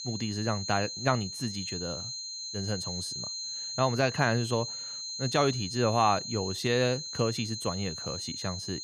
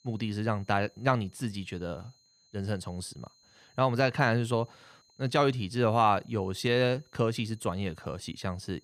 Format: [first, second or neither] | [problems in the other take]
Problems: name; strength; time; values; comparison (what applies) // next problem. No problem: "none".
second | high-pitched whine; loud; throughout; 4 kHz, 5 dB below the speech; faint in the second